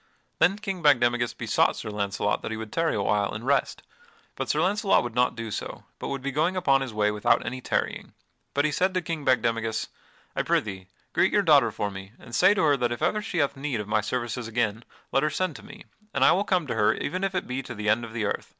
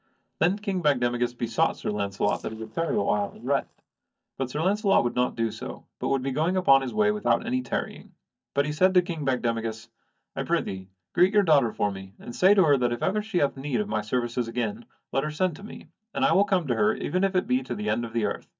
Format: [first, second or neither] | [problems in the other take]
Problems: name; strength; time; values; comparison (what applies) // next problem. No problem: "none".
first | noise reduction (neural mask model DeepFilterNet 3)